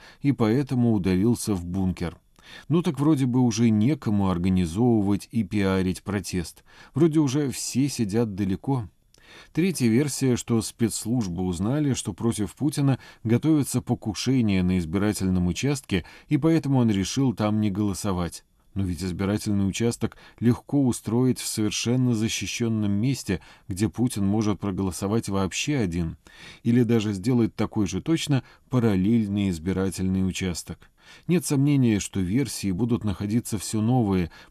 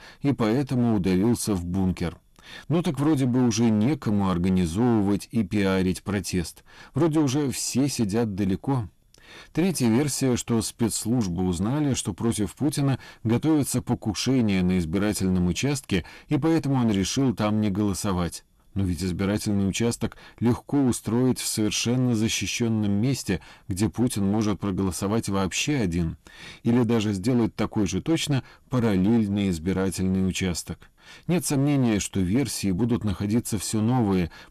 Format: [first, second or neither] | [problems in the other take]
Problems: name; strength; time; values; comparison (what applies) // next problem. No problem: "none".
first | distortion; slight; 10% of the sound clipped